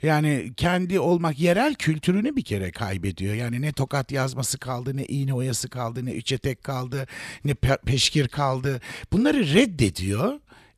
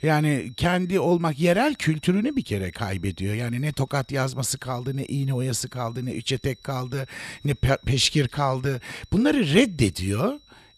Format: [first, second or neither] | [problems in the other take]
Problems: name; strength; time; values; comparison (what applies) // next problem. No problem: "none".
first | high-pitched whine; faint; throughout; 4 kHz, 30 dB below the speech